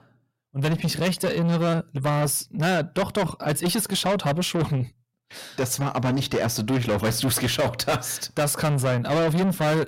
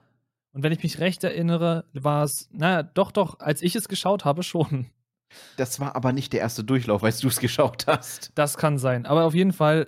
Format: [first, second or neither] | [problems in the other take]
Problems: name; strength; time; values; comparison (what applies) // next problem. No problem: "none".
second | distortion; heavy; 6 dB below the speech